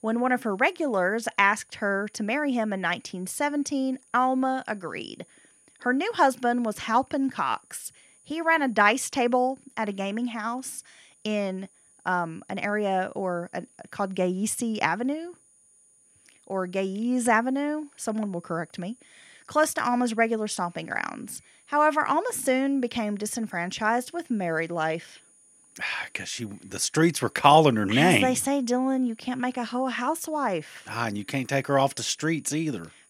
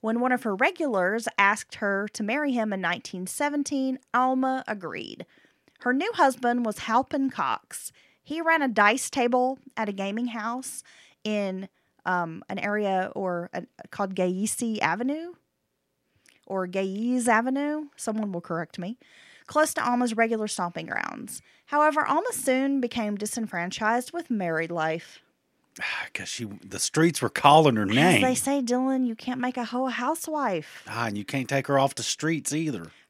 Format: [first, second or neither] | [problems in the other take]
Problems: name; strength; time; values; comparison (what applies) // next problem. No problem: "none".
second | high-pitched whine; faint; throughout; 9.5 kHz, 30 dB below the speech